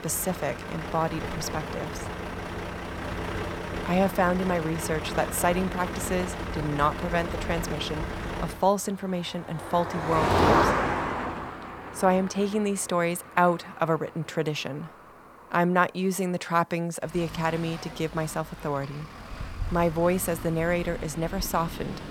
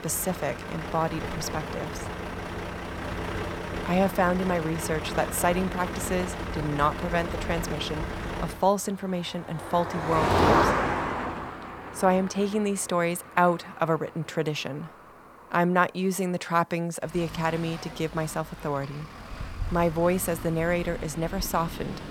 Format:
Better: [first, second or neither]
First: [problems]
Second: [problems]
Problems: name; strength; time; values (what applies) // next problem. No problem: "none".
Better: neither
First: traffic noise; loud; throughout; 4 dB below the speech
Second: traffic noise; loud; throughout; 4 dB below the speech